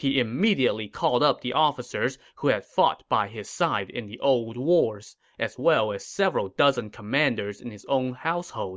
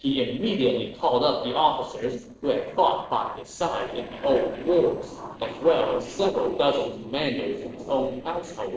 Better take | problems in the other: first | noise reduction (neural separator model SepFormer DNS4)

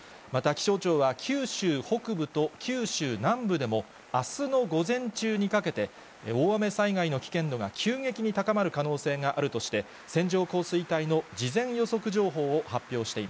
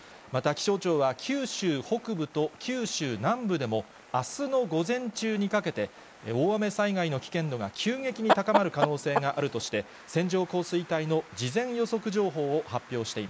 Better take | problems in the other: first | background sound (Chicken, rooster); as loud as the speech

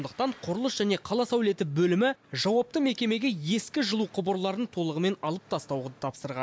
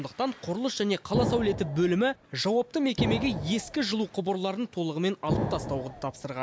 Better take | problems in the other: first | background sound (Explosion); 6 dB below the speech

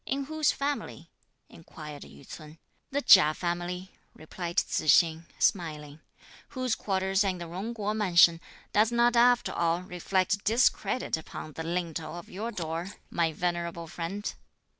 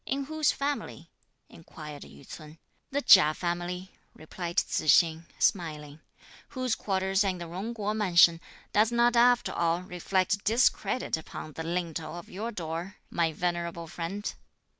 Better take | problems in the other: second | background sound (Scissors); 17 dB below the speech

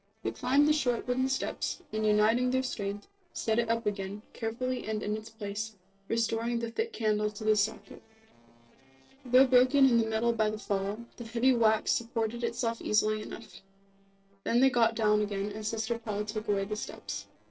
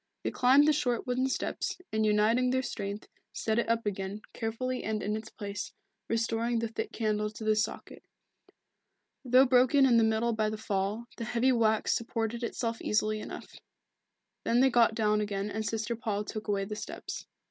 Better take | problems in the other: second | noise reduction (neural separator model SepFormer DNS4)

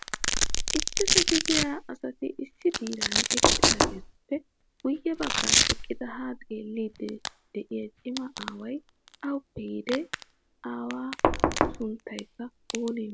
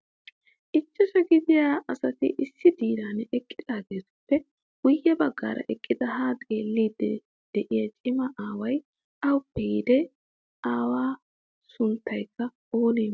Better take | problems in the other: second | background sound (Knock + Domestic sounds, home sounds); 4 dB above the speech

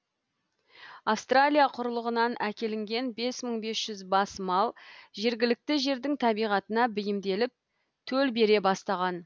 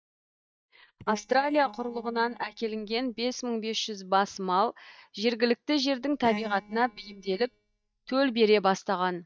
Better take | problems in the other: first | noise reduction (neural mask model DeepFilterNet 3)

